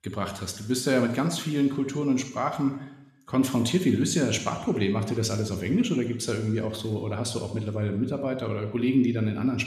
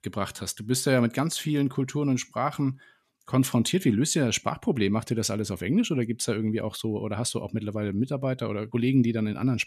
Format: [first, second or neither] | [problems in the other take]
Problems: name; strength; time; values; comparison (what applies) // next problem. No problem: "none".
second | room echo; slight; dies away in 1 s